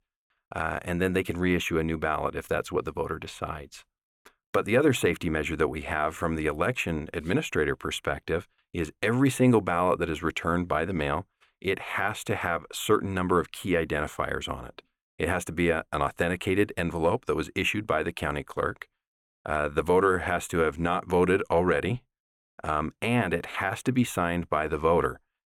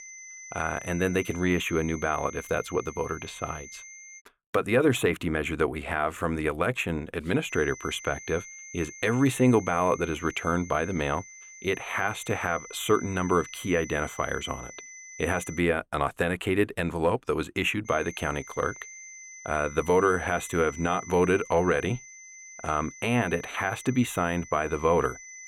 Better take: first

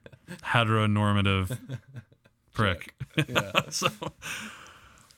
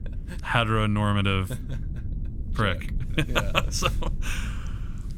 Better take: first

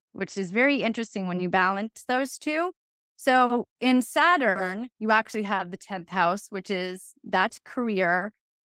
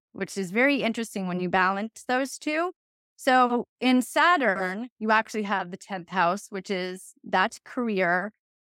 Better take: second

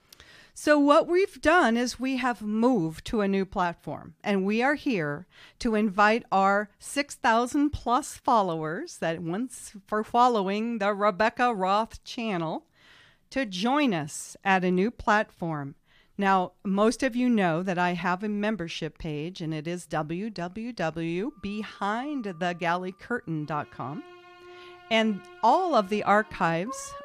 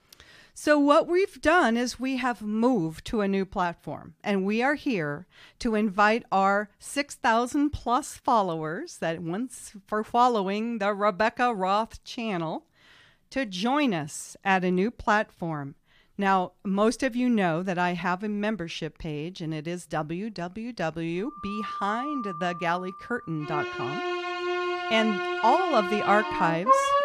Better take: first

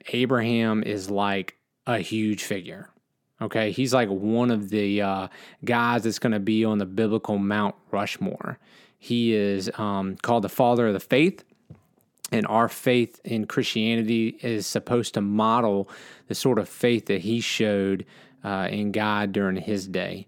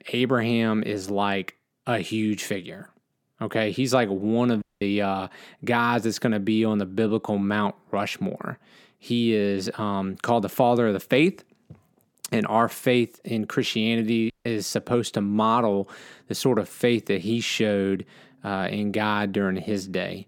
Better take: first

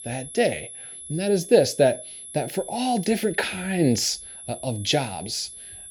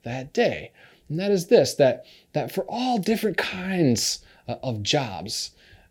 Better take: second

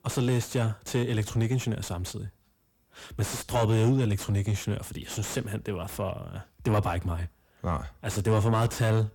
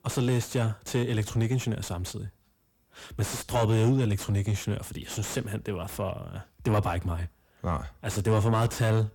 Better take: neither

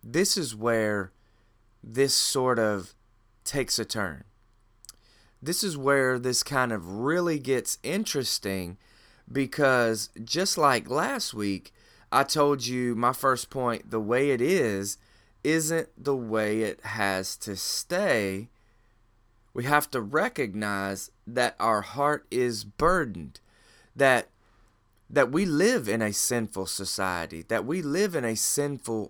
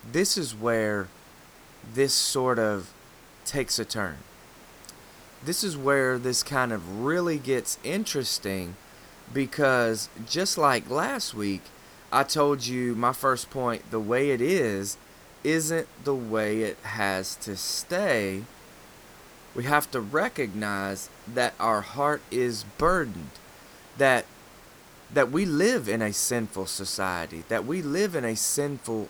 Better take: first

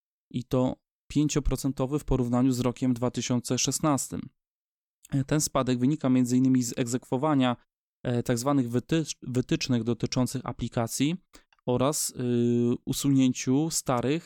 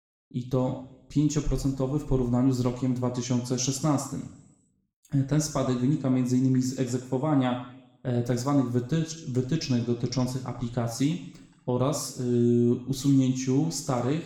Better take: first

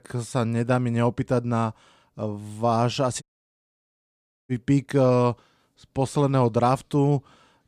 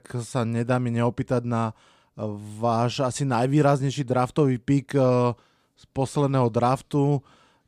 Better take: second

